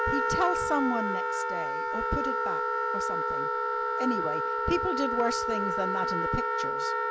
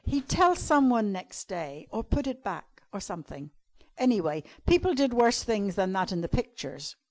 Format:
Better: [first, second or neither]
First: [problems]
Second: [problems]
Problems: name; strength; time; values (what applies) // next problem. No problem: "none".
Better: second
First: background sound (Wind instrument, woodwind instrument); 4 dB above the speech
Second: none